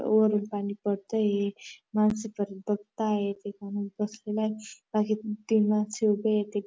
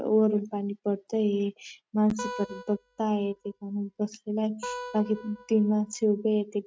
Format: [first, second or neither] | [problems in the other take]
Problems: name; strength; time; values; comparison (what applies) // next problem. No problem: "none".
first | noise reduction (neural mask model RNNoise)